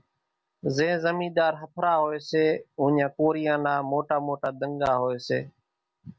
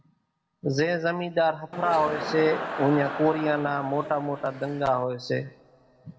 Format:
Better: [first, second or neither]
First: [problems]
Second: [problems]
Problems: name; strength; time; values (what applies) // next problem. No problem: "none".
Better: first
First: none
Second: background sound (Crowd); 8 dB below the speech // room echo; dies away in 1.2 s